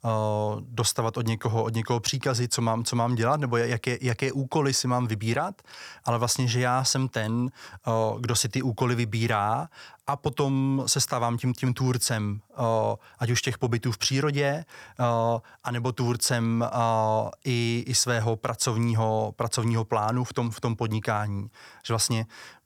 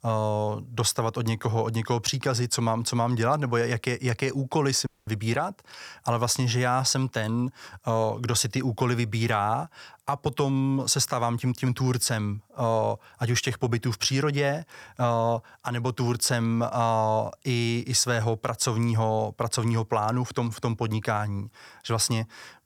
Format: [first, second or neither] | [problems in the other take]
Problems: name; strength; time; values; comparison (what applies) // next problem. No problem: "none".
first | audio cutting out; at 5 s